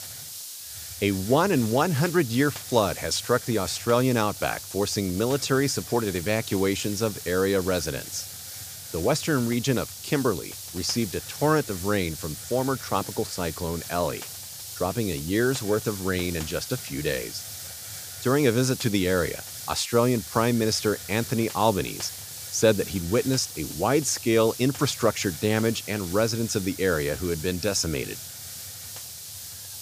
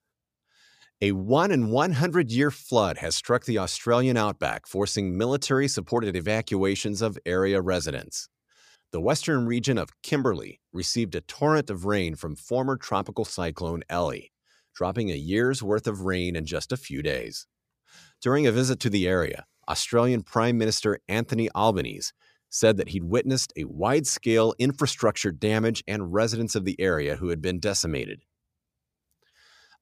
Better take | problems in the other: second | hiss; loud; throughout; 10 dB below the speech

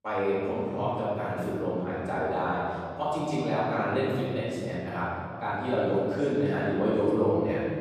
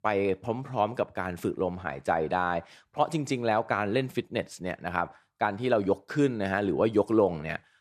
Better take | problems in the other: second | room echo; strong; dies away in 2.6 s // off-mic speech; far

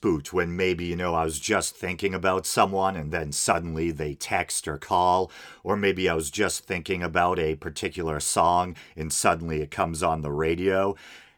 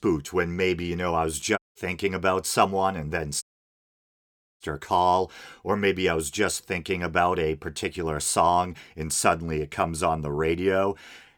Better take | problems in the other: first | audio cutting out; at 1.5 s and at 3.5 s for 1 s

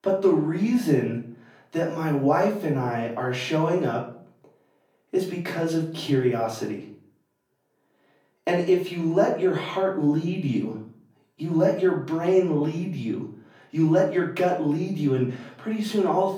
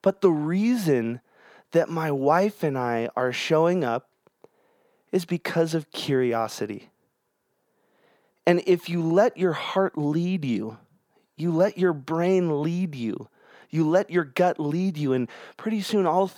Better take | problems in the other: second | off-mic speech; far // room echo; slight; dies away in 0.4 s

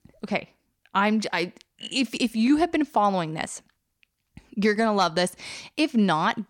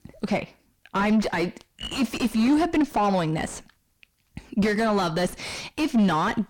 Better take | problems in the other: first | distortion; heavy; 5 dB below the speech

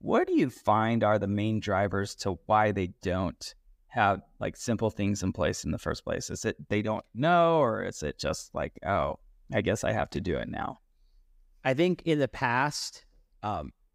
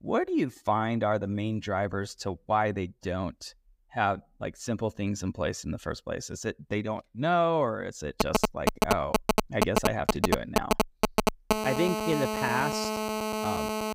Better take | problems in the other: first | phone ringing; loud; from 8 s on; peak 4 dB above the speech

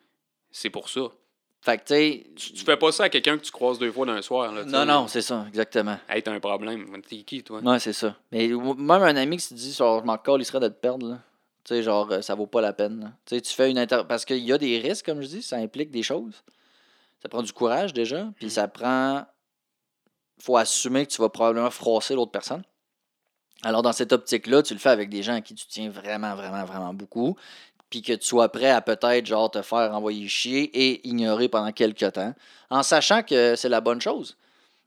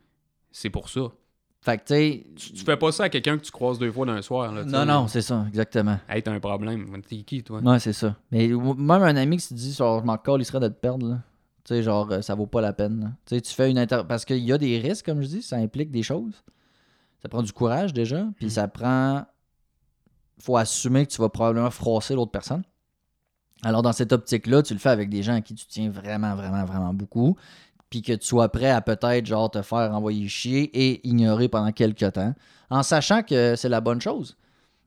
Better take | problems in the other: second | thin; somewhat; fading below 300 Hz

